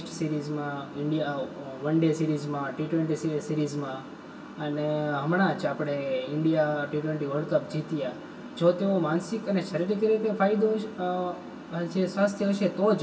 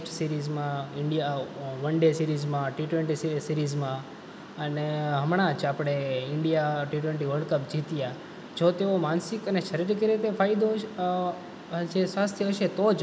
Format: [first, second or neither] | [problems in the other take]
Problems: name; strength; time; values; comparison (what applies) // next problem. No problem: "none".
second | room echo; dies away in 0.1 s